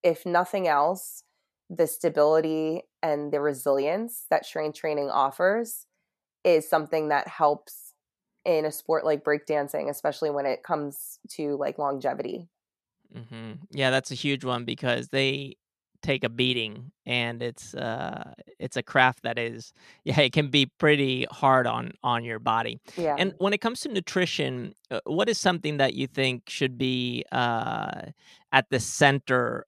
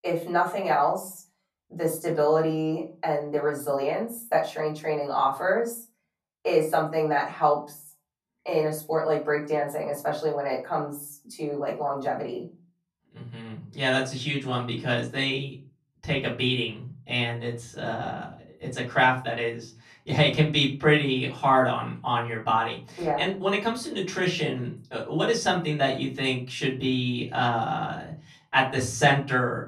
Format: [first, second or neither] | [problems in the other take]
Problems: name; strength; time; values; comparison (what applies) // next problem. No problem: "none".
first | off-mic speech; far // room echo; very slight; dies away in 0.3 s